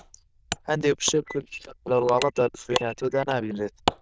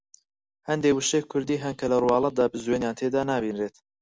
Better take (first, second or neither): second